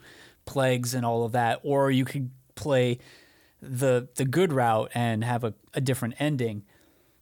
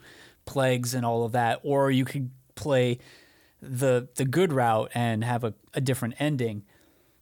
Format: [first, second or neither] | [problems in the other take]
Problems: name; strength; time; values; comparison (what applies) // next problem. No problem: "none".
neither | none